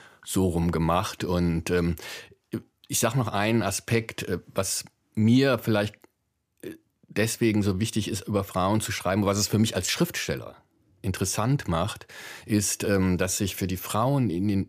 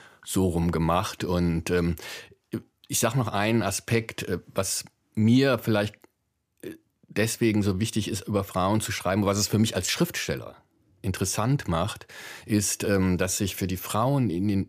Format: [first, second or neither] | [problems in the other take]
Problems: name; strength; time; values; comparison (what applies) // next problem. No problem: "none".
neither | none